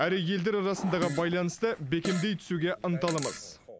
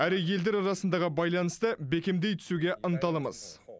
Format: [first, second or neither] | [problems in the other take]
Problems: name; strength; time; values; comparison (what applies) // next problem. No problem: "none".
second | background sound (Fart); 11 dB below the speech